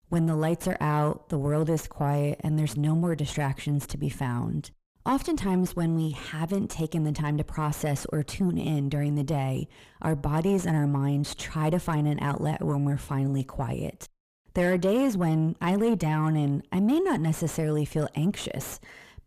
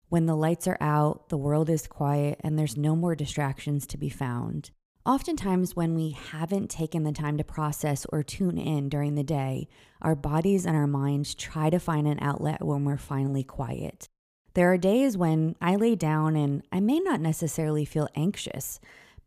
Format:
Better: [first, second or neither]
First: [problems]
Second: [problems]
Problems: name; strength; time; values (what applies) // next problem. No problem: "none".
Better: second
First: distortion; slight; 8 dB below the speech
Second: none